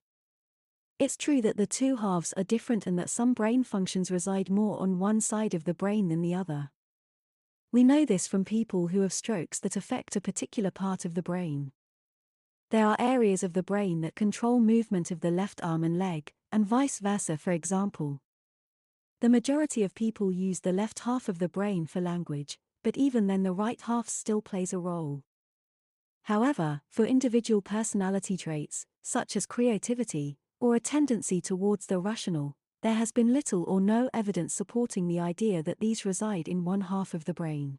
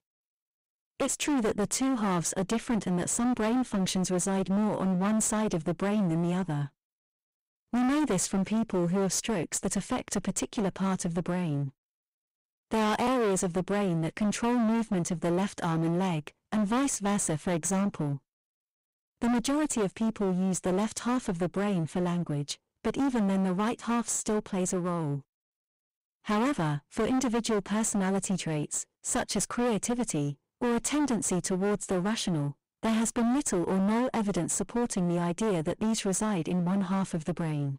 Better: first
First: none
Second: distortion; heavy; 22% of the sound clipped

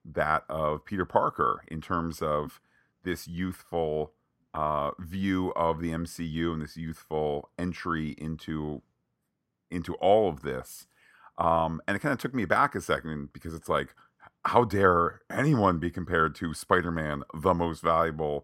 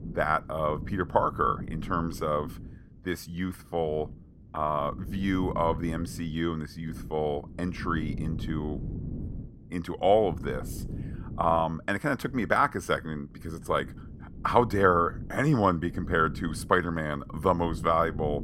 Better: first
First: none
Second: wind noise on the microphone; occasional gusts; 20 dB below the speech

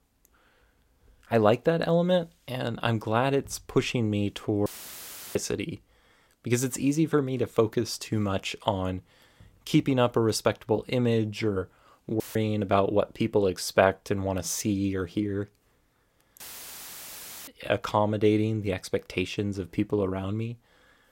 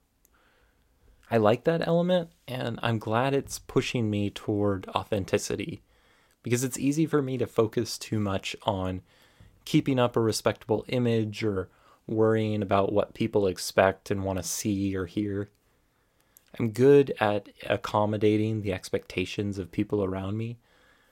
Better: second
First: audio cutting out; filled with static; at 4.5 s for 0.5 s, at 12 s and at 16 s for 1 s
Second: none

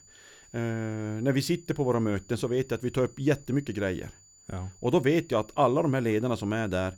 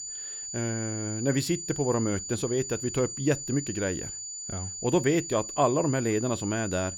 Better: first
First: high-pitched whine; faint; throughout; 7 kHz, 25 dB below the speech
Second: high-pitched whine; loud; throughout; 7 kHz, 7 dB below the speech

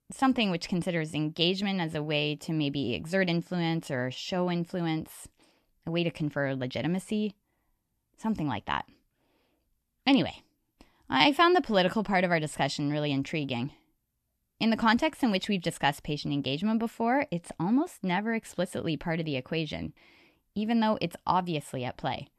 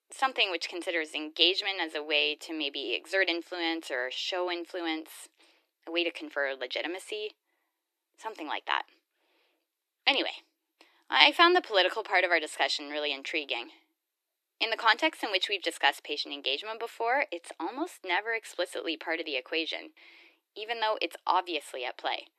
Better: first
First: none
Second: thin; very; fading below 300 Hz

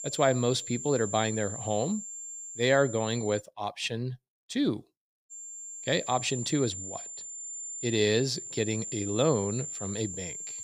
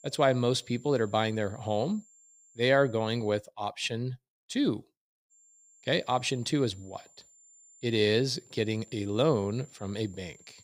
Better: second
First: high-pitched whine; loud; until 3.5 s and from 5.5 s on; 7 kHz, 7 dB below the speech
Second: high-pitched whine; faint; until 3.5 s and from 5.5 s on; 7 kHz, 25 dB below the speech

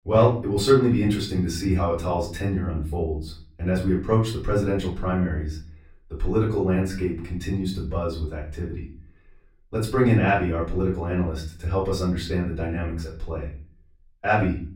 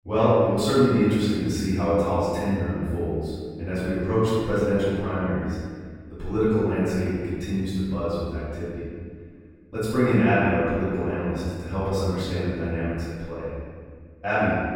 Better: first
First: room echo; slight; dies away in 0.4 s // off-mic speech; far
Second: room echo; strong; dies away in 1.8 s // off-mic speech; far

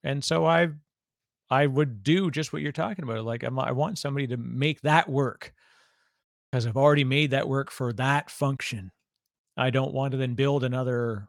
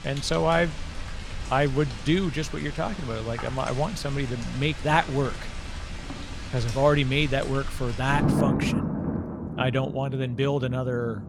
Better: first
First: none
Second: rain or running water; loud; throughout; 7 dB below the speech

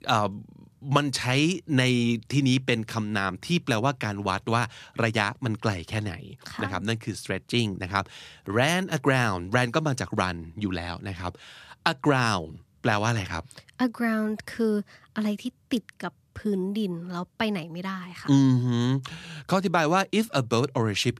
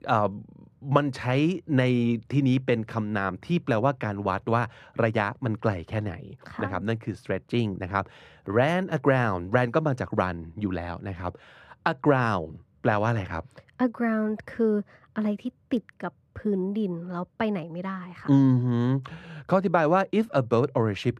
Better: first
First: none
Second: muffled; very; fading above 3 kHz

